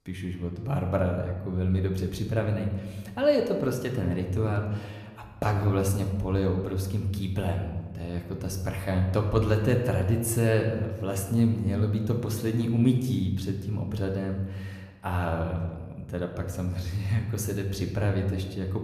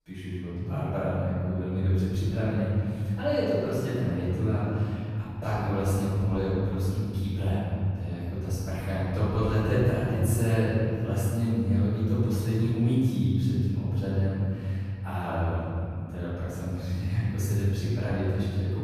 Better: first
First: room echo; slight; dies away in 1 s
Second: room echo; strong; dies away in 2.8 s // off-mic speech; far

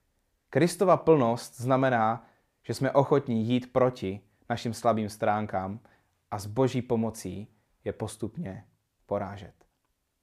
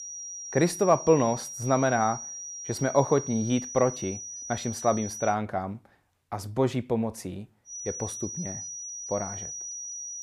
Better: first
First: none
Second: high-pitched whine; loud; until 5.5 s and from 7.5 s on; 6 kHz, 8 dB below the speech

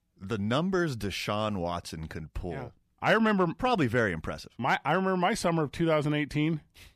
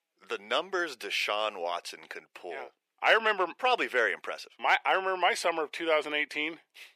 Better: first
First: none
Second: thin; very; fading below 400 Hz

